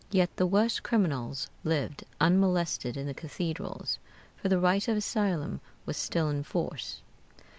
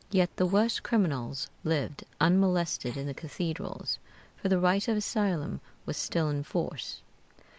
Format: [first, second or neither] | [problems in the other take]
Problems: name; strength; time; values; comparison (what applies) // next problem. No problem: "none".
first | noise reduction (neural mask model Resemble Enhance denoiser)